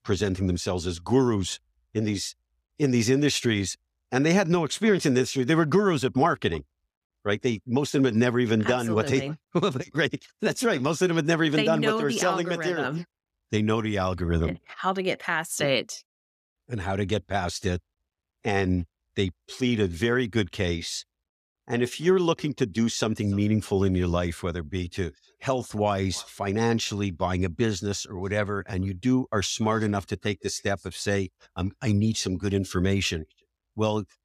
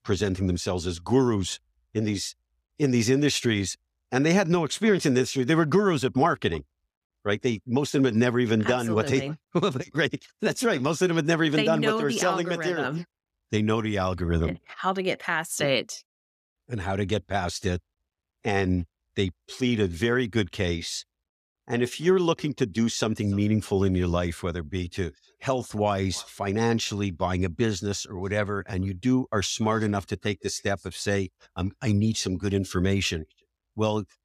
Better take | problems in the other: neither | none

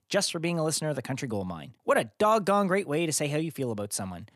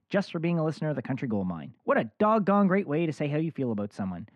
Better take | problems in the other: first | muffled; very; fading above 2 kHz

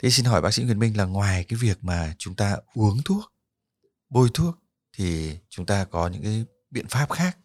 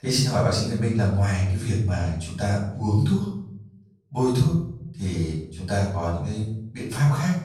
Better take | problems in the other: first | off-mic speech; far // room echo; noticeable; dies away in 0.6 s

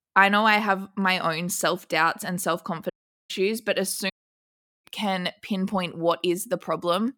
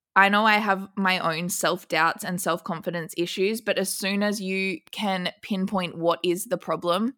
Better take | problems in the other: second | audio cutting out; at 3 s and at 4 s for 0.5 s

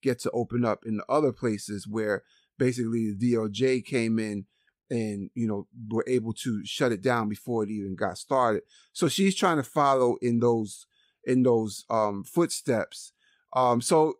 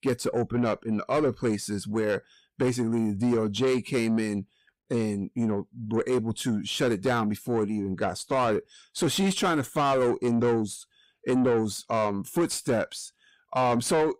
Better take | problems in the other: first | distortion; slight; 10 dB below the speech

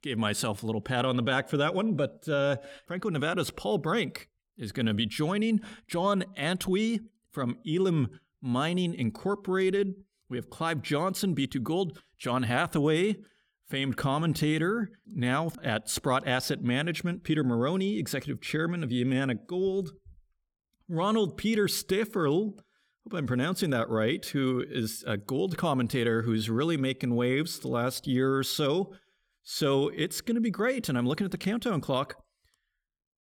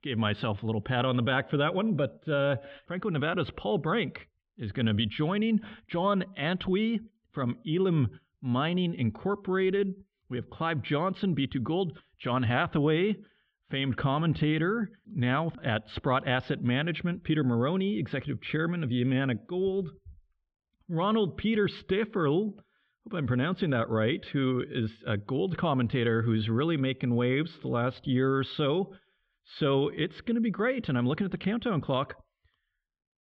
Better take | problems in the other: first | muffled; very; fading above 3.5 kHz

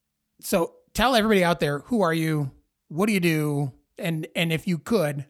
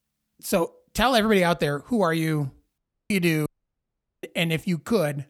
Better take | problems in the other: first | audio cutting out; at 3 s and at 3.5 s for 1 s

